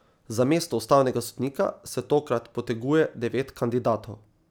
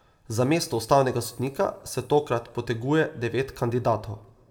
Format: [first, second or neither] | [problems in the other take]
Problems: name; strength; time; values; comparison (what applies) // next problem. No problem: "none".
first | room echo; dies away in 0.9 s